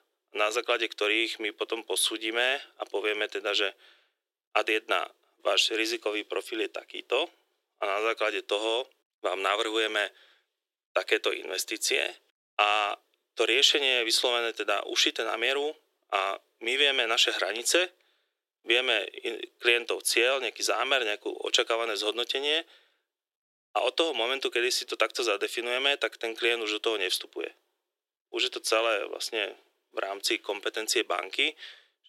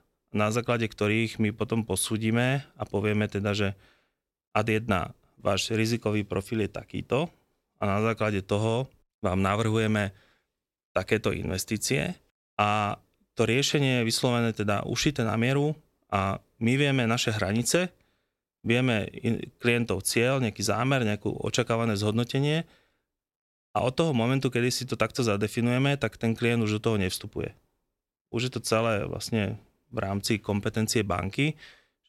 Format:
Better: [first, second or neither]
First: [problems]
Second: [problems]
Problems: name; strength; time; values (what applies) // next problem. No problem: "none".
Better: second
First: thin; very; fading below 350 Hz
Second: none